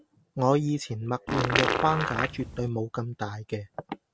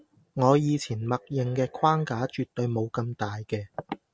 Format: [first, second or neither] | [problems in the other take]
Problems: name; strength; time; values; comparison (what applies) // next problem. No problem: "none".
second | background sound (Fart); 1 dB above the speech